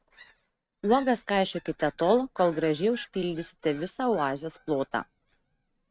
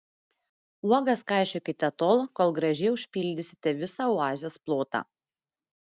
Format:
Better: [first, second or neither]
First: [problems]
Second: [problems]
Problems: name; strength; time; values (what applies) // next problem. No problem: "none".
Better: second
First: noise reduction (neural mask model RNNoise)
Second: none